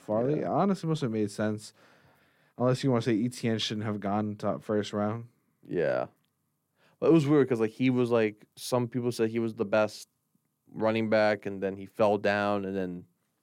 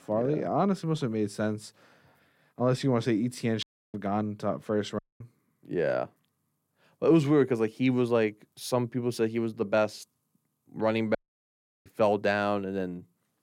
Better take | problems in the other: first | audio cutting out; at 3.5 s, at 5 s and at 11 s for 0.5 s

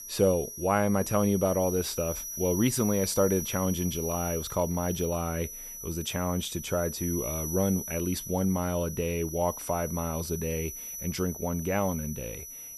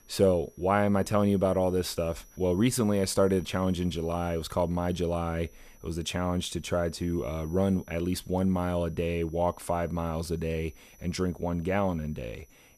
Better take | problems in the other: second | high-pitched whine; loud; throughout; 6 kHz, 7 dB below the speech; faint in the second

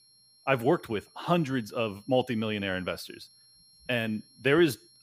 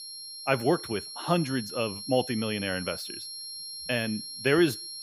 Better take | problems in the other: first | high-pitched whine; loud; throughout; 4 kHz, 9 dB below the speech; faint in the first

